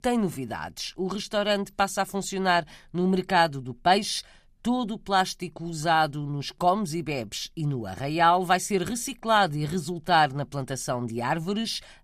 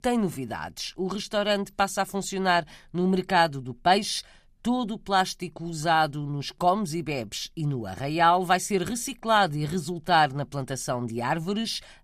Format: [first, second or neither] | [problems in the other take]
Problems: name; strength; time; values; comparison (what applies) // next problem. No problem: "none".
neither | none